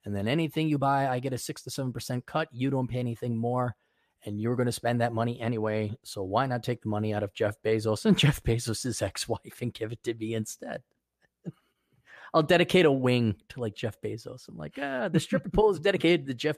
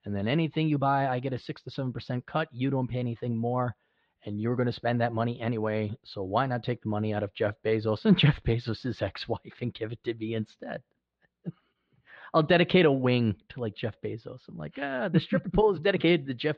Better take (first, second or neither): first